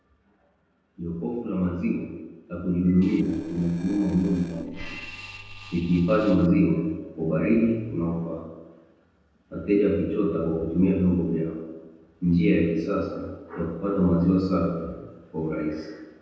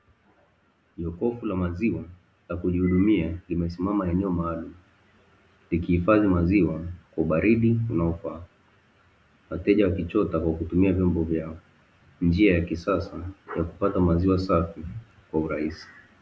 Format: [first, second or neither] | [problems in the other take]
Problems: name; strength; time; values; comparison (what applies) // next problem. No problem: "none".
second | noise reduction (neural separator model SepFormer DNS4)